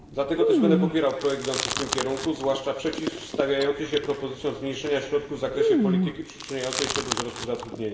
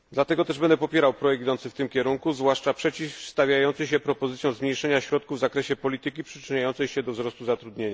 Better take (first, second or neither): second